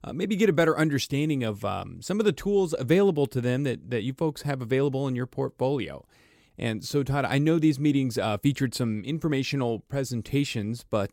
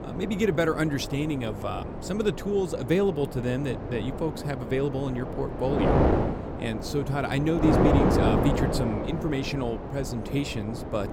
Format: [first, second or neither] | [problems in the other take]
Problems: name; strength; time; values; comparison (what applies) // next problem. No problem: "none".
first | wind noise on the microphone; heavy; 1 dB below the speech